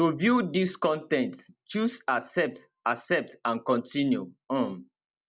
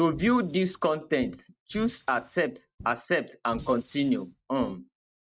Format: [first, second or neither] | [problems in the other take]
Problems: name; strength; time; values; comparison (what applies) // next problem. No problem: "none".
first | noise reduction (neural mask model RNNoise)